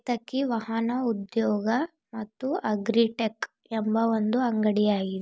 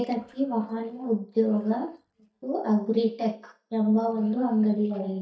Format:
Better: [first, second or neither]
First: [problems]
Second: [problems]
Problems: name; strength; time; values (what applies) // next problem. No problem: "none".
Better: first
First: none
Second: noise reduction (neural mask model DeepFilterNet 3)